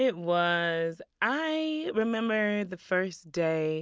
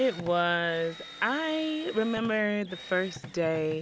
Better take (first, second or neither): first